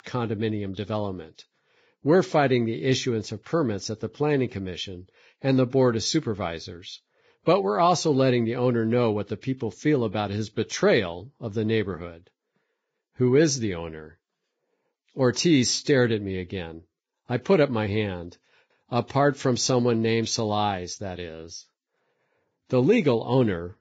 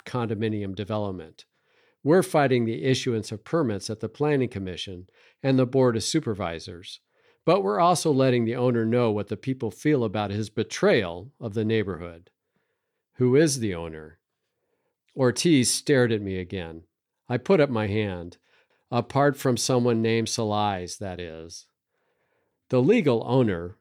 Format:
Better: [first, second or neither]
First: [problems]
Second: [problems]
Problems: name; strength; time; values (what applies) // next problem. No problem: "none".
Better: second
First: garbled, watery; badly; nothing above 7.5 kHz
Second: none